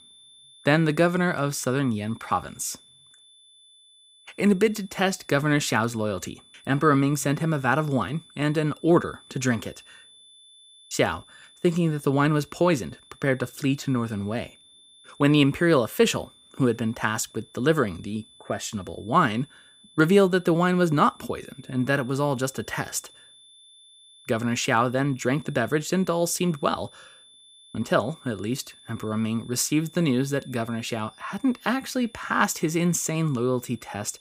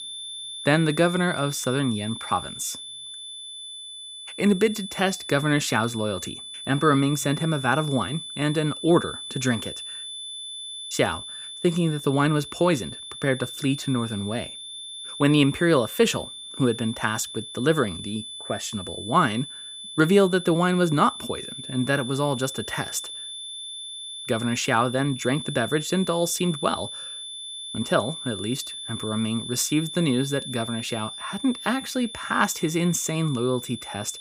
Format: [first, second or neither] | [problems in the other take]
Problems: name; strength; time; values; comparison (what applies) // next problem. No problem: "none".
first | high-pitched whine; loud; throughout; 3.5 kHz, 10 dB below the speech; faint in the first